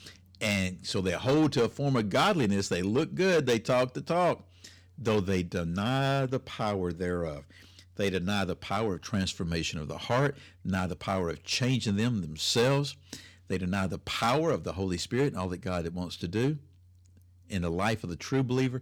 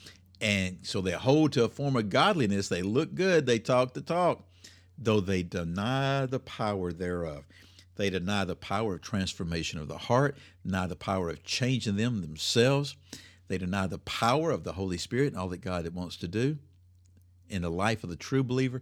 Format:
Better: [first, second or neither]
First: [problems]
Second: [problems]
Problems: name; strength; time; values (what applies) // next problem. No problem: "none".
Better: second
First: distortion; slight; 4% of the sound clipped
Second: none